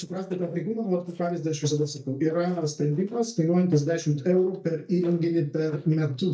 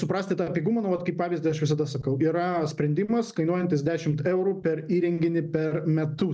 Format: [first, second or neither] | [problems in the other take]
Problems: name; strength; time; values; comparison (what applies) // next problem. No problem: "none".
second | noise reduction (neural mask model DeepFilterNet 3)